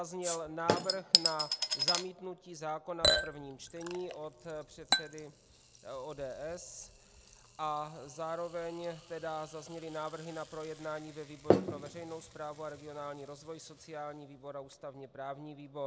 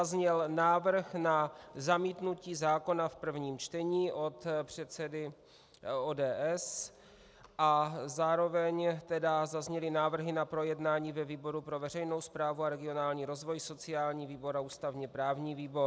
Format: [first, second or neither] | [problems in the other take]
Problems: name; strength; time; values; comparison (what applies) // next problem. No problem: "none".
second | background sound (Chink, clink / Liquid); 4 dB above the speech